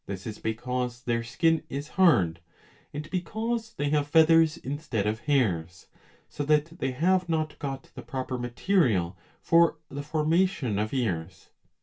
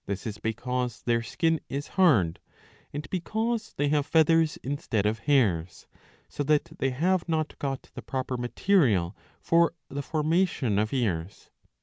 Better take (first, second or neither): second